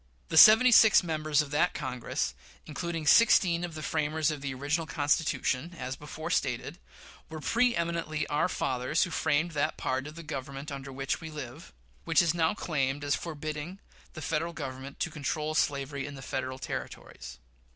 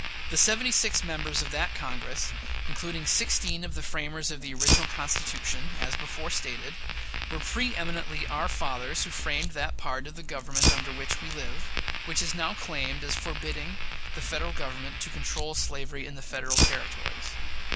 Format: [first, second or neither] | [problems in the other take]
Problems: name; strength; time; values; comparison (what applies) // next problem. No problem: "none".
first | background sound (Fire); 4 dB above the speech